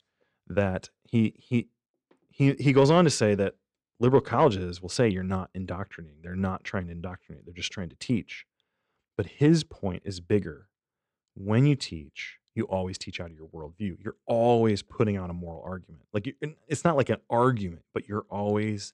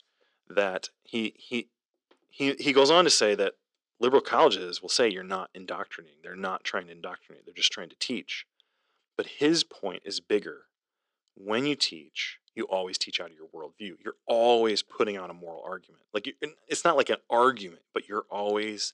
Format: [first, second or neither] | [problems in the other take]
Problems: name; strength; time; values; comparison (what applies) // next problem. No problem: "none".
first | thin; somewhat; fading below 300 Hz